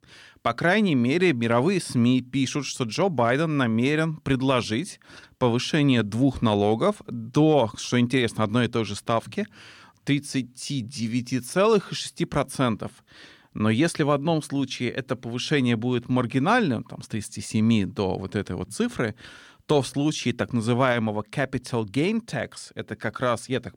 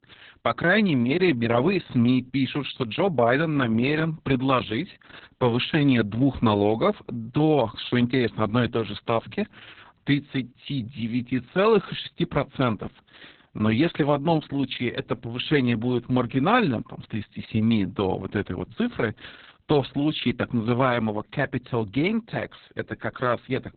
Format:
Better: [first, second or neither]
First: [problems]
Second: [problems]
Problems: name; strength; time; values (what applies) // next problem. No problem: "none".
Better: first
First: none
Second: garbled, watery; badly; nothing above 4 kHz